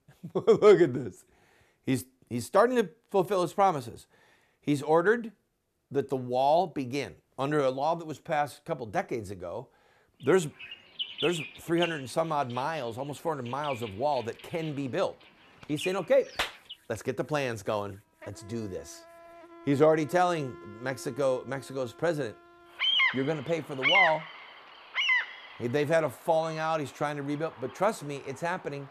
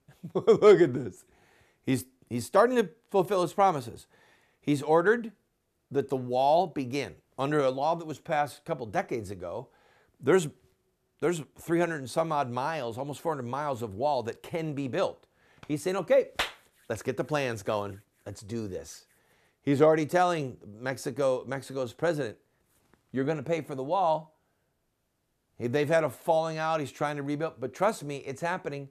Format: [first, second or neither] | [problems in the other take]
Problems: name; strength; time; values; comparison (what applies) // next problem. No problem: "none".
second | animal sounds; very loud; from 10 s on; 1 dB above the speech